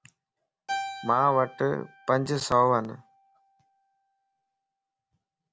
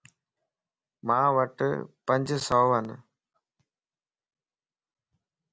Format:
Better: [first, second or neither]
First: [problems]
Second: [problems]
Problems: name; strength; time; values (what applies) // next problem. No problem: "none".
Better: second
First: background sound (Keyboard (musical)); 14 dB below the speech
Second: none